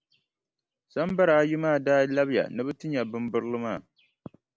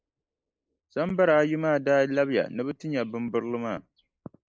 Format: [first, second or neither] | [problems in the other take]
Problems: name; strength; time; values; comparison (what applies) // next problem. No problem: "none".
first | noise reduction (neural mask model Resemble Enhance denoiser)